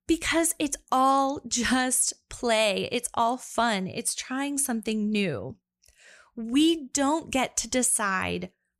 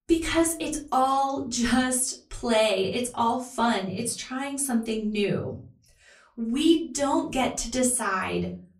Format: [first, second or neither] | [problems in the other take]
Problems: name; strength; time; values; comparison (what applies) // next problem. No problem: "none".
first | off-mic speech; far // room echo; very slight; dies away in 0.4 s